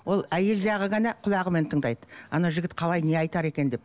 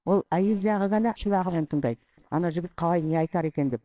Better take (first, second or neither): first